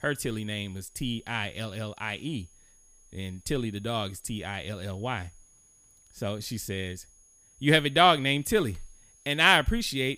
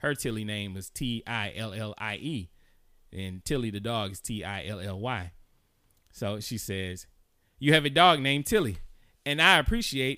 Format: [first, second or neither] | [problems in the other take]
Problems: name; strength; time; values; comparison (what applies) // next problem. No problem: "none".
second | high-pitched whine; faint; throughout; 6.5 kHz, 30 dB below the speech